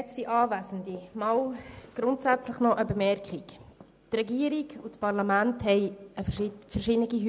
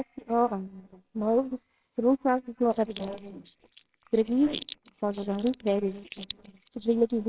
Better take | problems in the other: first | noise reduction (neural separator model SepFormer WHAMR!)

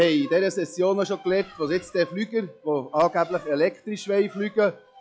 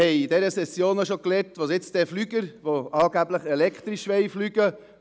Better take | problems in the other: second | noise reduction (classical method log-MMSE)

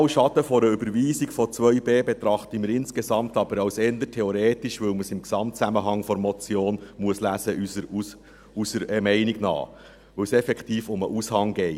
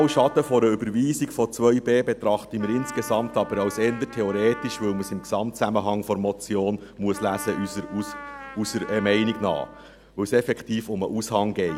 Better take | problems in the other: first | background sound (Trumpet); 17 dB below the speech

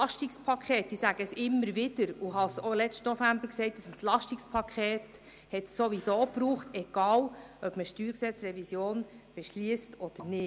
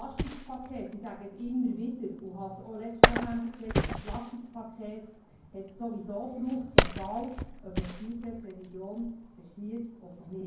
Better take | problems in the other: first | background sound (Wood); 5 dB above the speech // room echo; dies away in 0.9 s

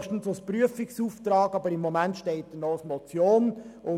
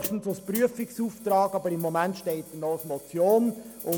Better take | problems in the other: first | background sound (Hi-hat); 15 dB below the speech

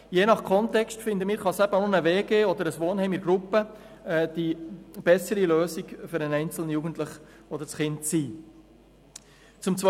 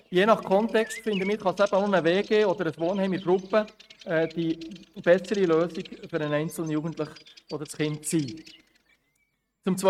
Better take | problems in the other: first | noise reduction (neural mask model RNNoise)

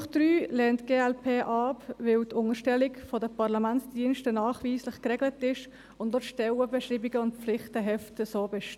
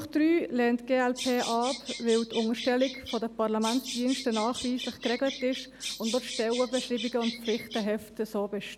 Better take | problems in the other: first | background sound (Bird vocalization, bird call, bird song); 10 dB below the speech

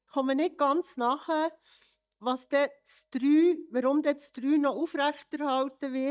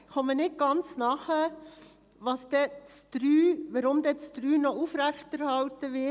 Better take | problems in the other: second | noise reduction (neural mask model DeepFilterNet 3)

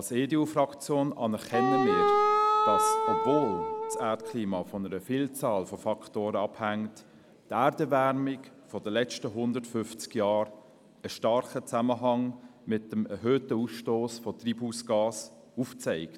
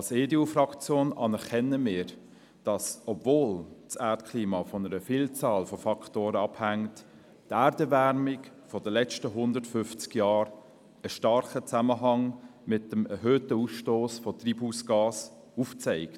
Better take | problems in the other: second | background sound (Wind instrument, woodwind instrument); 3 dB above the speech

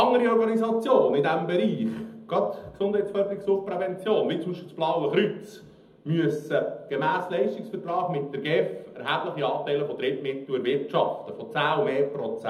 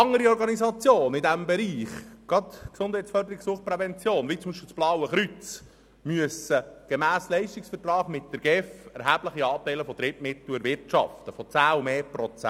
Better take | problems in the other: second | room echo; dies away in 0.8 s

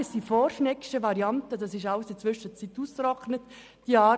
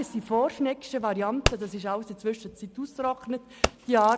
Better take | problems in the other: first | background sound (Fireworks); 7 dB below the speech

